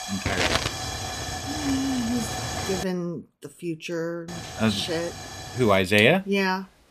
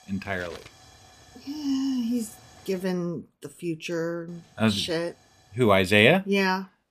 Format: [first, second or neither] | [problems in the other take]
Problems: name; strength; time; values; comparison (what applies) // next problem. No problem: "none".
second | hiss; loud; until 3 s and from 4.5 s on; 5 dB below the speech; faint in the second